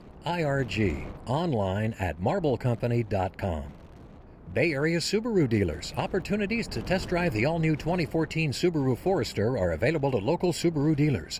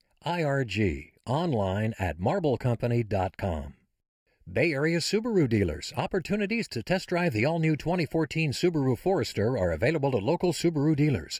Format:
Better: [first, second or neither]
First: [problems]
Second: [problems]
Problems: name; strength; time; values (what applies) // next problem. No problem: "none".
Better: second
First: wind noise on the microphone; occasional gusts; 20 dB below the speech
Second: none